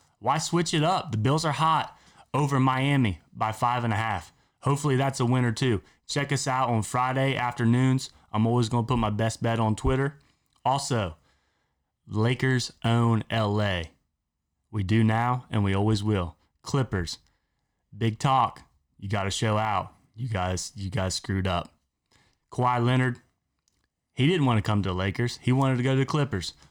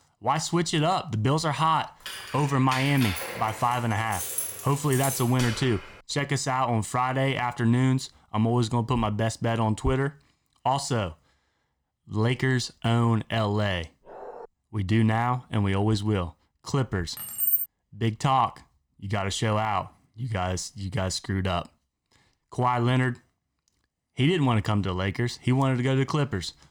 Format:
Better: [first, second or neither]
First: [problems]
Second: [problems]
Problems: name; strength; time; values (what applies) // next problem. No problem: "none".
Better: first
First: none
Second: jangling keys; noticeable; from 2 to 6 s; peak 2 dB below the speech // dog barking; faint; at 14 s; peak 15 dB below the speech // jangling keys; loud; at 17 s; peak 4 dB above the speech